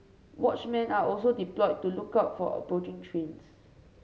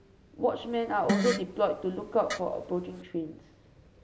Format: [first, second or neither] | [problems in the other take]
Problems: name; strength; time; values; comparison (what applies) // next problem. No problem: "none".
first | background sound (Fart); 4 dB below the speech